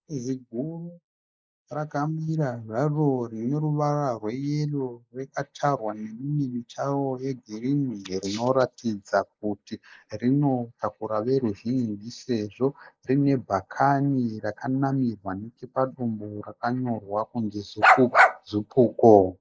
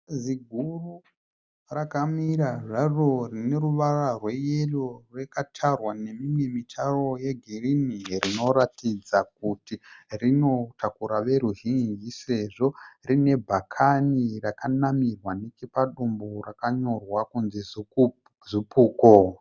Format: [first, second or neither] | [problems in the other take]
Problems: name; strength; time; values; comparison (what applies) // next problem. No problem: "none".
second | noise reduction (neural mask model Resemble Enhance denoiser)